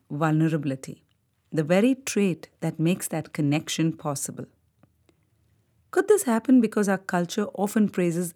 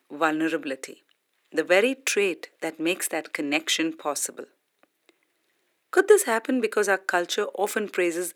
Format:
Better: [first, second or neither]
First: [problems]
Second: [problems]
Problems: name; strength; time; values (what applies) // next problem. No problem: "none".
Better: first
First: none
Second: thin; somewhat; fading below 350 Hz